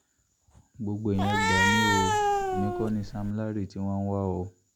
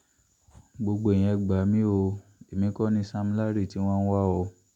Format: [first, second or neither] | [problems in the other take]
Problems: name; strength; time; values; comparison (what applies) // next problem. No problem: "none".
second | background sound (Cat); 4 dB above the speech